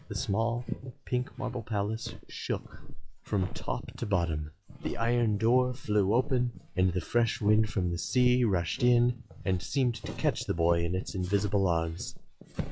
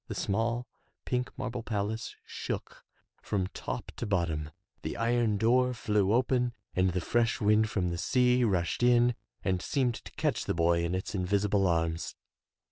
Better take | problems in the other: second | noise reduction (classical method log-MMSE)

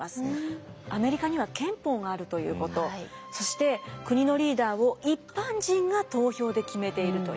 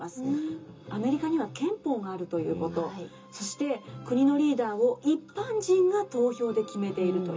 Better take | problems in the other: first | room echo; dies away in 0.2 s

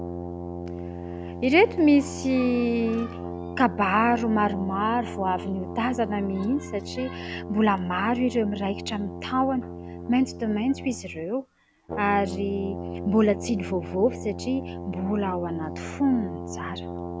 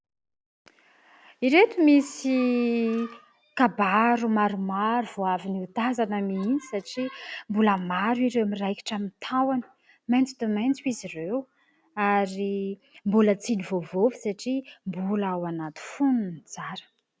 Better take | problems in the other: second | background sound (Brass instrument); 9 dB below the speech

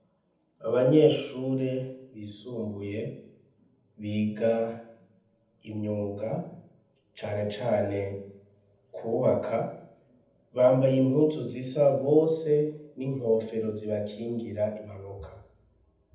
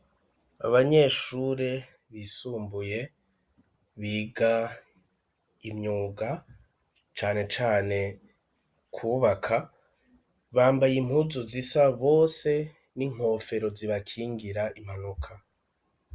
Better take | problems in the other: second | room echo; dies away in 0.8 s

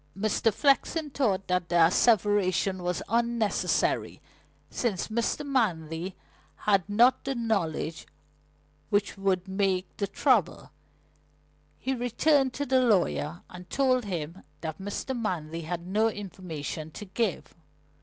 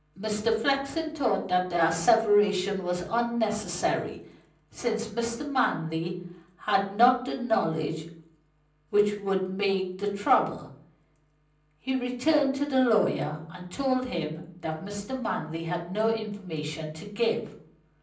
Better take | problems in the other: first | room echo; dies away in 0.6 s

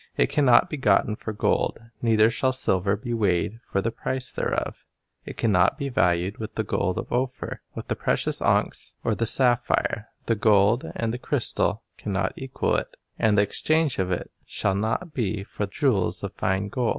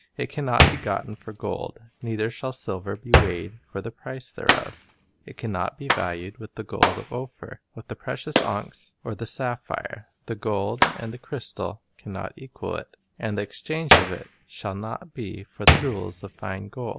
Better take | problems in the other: first | background sound (Hands); 3 dB above the speech

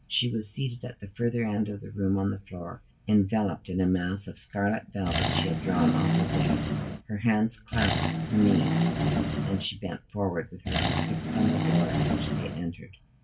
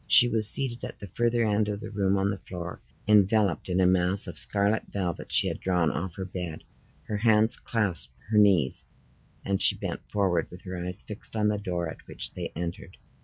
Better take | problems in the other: second | background sound (Accelerating, revving, vroom); 3 dB above the speech // room echo; dies away in 0.2 s

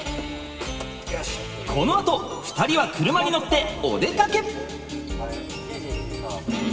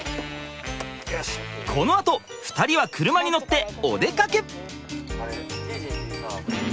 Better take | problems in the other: second | background sound (Snare drum); 19 dB below the speech // room echo; dies away in 2.8 s

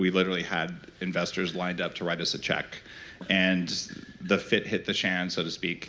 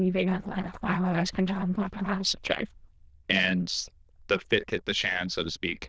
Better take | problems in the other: first | noise reduction (neural diffusion model UNIVERSE++)

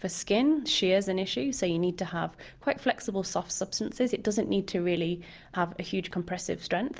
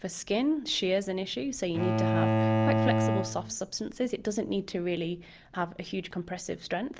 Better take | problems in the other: first | background sound (Bowed string instrument); 3 dB above the speech

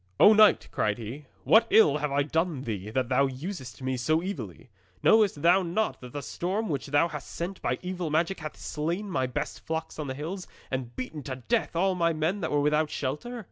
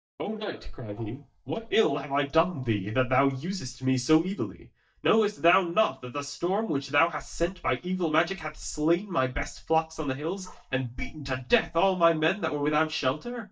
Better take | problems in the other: first | noise reduction (neural mask model DeepFilterNet 3)

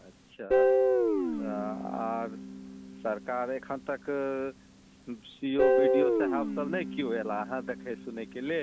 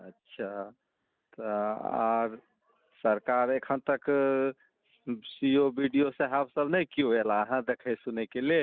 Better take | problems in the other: second | background sound (Guitar); 4 dB above the speech

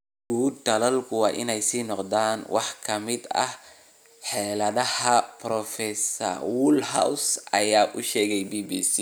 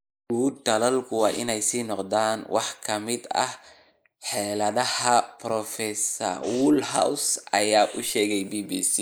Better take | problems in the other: first | noise reduction (neural mask model Resemble Enhance denoiser)

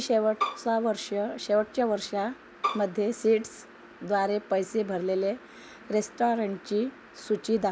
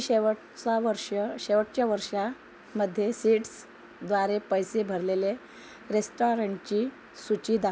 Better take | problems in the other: second | background sound (Bowed string instrument); 5 dB below the speech

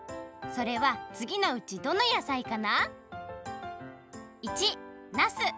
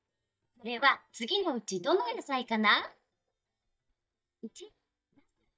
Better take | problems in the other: first | noise reduction (neural mask model DeepFilterNet 3)

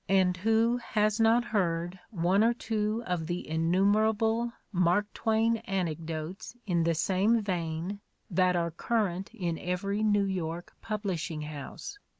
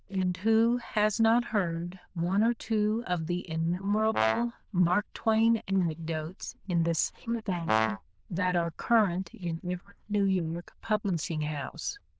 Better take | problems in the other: first | noise reduction (neural diffusion model UNIVERSE++)

